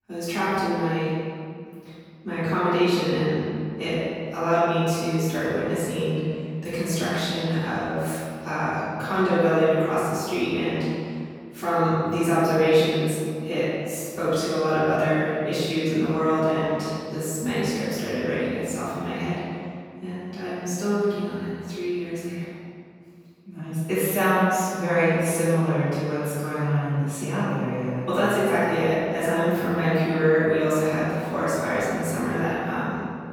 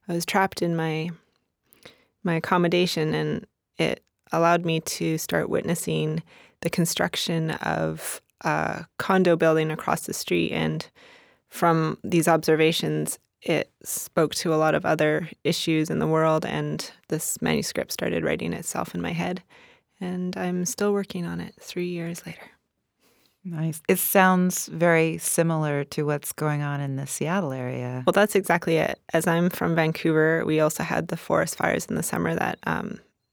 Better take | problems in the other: second | room echo; strong; dies away in 2 s // off-mic speech; far

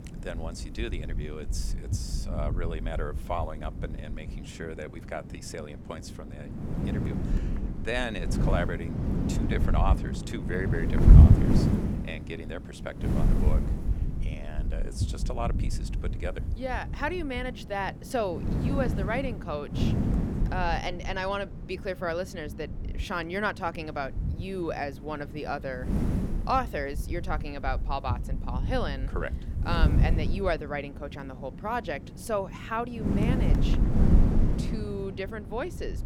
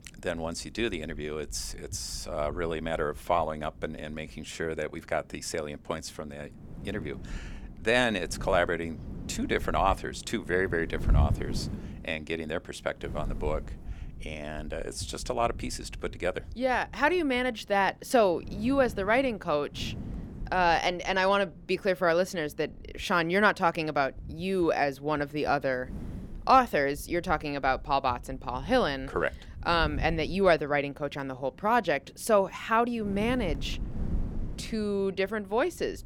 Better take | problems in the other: second | wind noise on the microphone; heavy; 6 dB below the speech; occasional gusts in the second

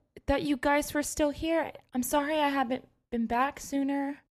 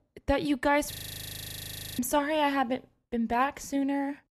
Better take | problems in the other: first | audio freezing; at 1 s for 1 s

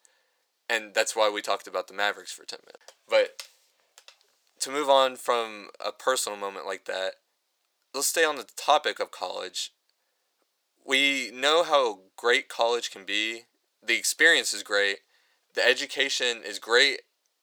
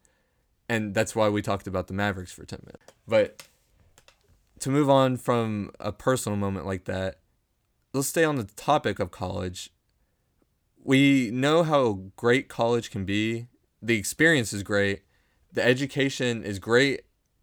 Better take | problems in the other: second | thin; very; fading below 500 Hz

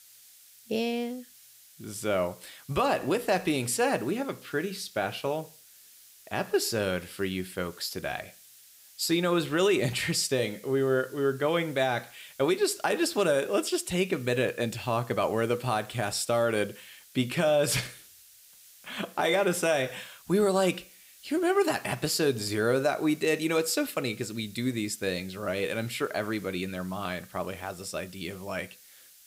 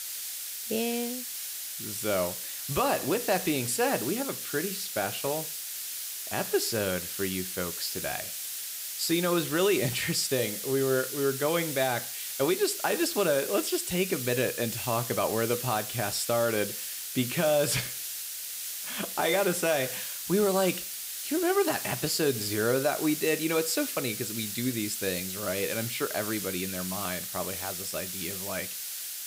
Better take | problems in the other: first | hiss; loud; throughout; 4 dB below the speech; faint in the first

